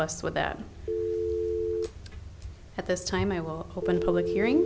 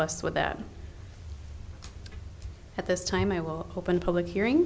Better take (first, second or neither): second